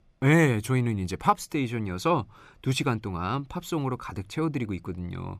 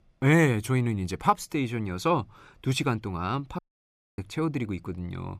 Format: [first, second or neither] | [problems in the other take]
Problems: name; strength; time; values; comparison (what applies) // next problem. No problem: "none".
first | audio cutting out; at 3.5 s for 0.5 s